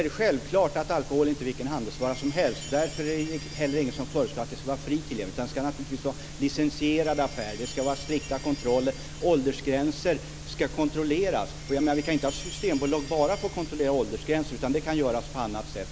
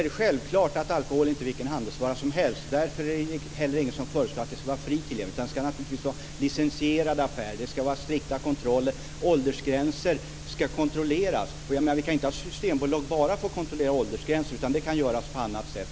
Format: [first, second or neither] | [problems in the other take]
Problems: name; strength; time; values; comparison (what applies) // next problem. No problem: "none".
second | background sound (Chime); 19 dB below the speech